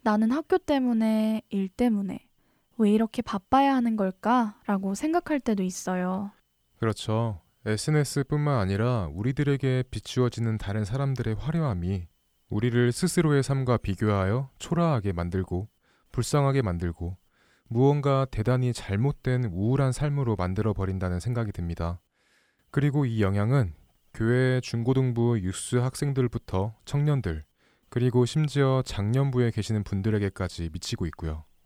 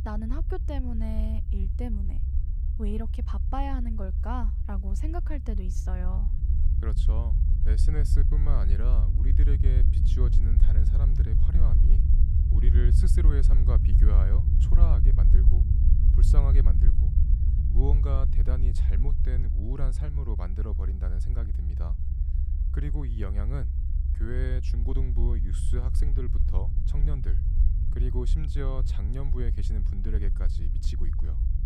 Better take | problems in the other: first | low rumble; loud; throughout; 3 dB below the speech

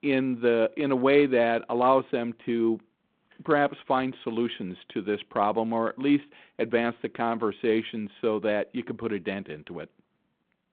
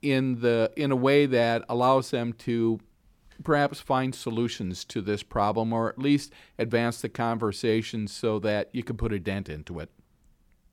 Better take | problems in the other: second | phone-call audio; nothing above 3.5 kHz

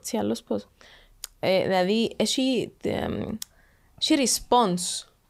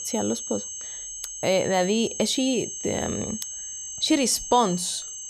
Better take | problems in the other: first | high-pitched whine; loud; throughout; 6.5 kHz, 7 dB below the speech

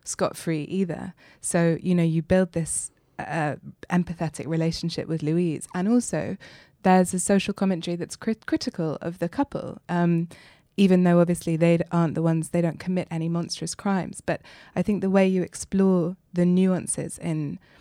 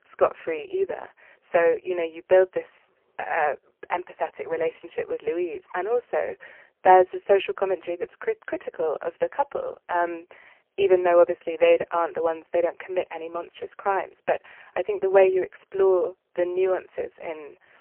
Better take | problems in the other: first | phone-call audio; poor line; nothing above 3 kHz

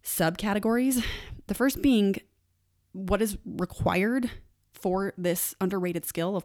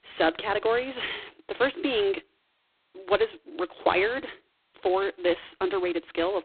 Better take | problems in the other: first | phone-call audio; poor line; nothing above 4 kHz

